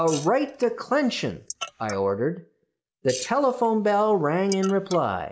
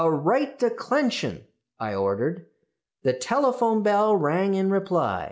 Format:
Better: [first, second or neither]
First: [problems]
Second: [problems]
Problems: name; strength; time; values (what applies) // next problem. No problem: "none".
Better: second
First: noise reduction (neural mask model Resemble Enhance denoiser)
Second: none